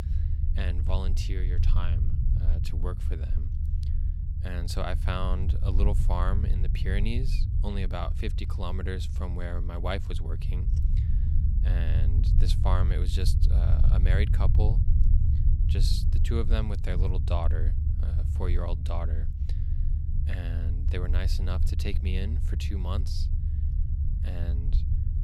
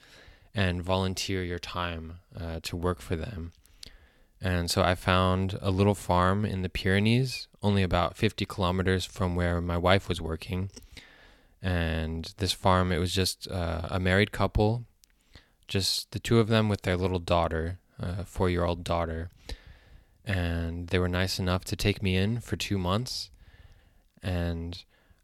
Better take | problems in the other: second | low rumble; loud; throughout; 7 dB below the speech

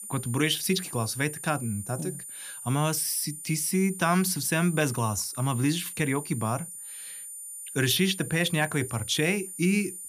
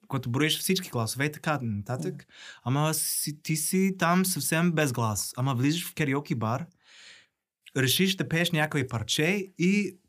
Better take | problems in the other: second | high-pitched whine; noticeable; throughout; 9.5 kHz, 10 dB below the speech

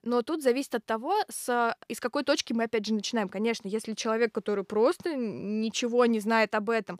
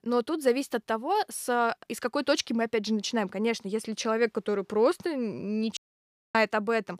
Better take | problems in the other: first | audio cutting out; at 6 s for 0.5 s

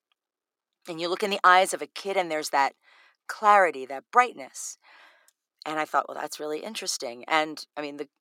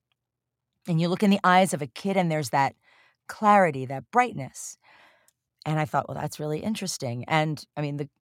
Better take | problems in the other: second | thin; very; fading below 350 Hz

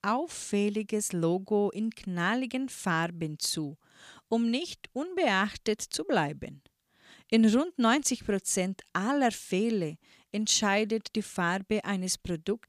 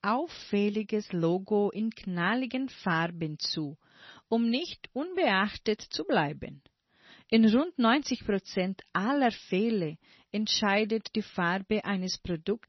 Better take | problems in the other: first | garbled, watery; slightly; nothing above 6 kHz

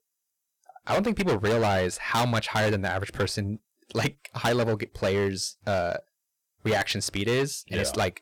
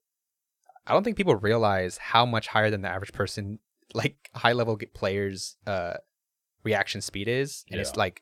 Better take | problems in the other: second | distortion; heavy; 12% of the sound clipped

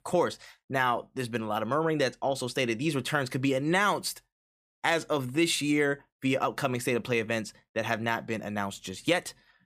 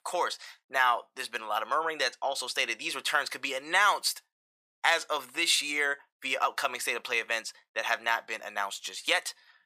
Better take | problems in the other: first | thin; very; fading below 950 Hz

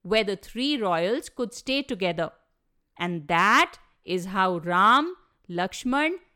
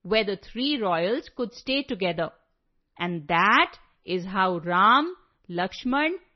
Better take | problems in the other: first | garbled, watery; slightly; nothing above 5 kHz

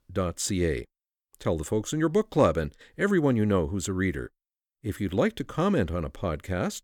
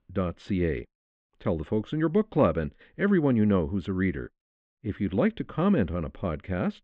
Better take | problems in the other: first | muffled; very; fading above 3 kHz

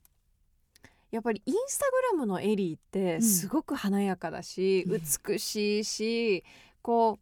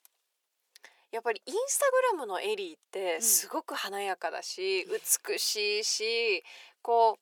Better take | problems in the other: first | thin; very; fading below 450 Hz

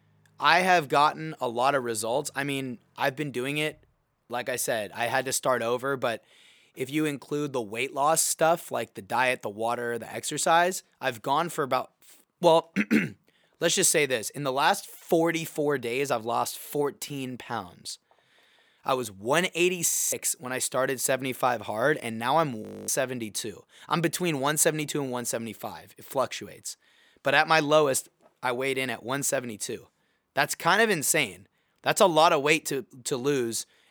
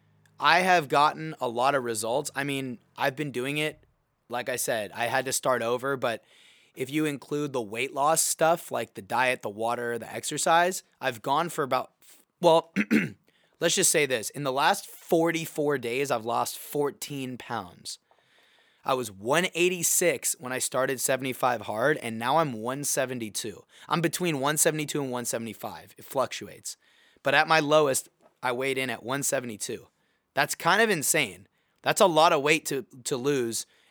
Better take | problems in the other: second | audio freezing; at 20 s and at 23 s

